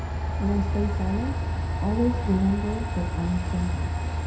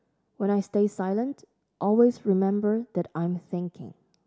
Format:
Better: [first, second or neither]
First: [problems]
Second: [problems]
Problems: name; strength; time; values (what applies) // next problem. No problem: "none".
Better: second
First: background sound (Train); 1 dB above the speech // room echo; dies away in 0.5 s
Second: none